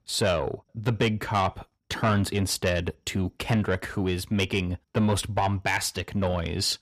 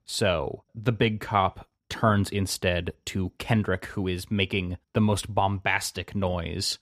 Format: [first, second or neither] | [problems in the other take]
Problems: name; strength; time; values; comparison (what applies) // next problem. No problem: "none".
second | distortion; slight; 10 dB below the speech